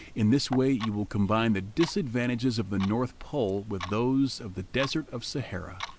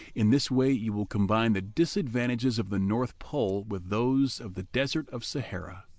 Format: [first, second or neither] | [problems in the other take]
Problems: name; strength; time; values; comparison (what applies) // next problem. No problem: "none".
second | background sound (Clock); 16 dB below the speech